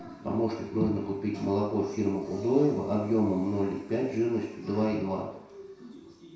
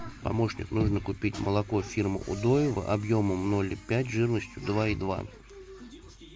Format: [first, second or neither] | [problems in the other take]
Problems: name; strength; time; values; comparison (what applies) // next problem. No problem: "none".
second | room echo; dies away in 0.7 s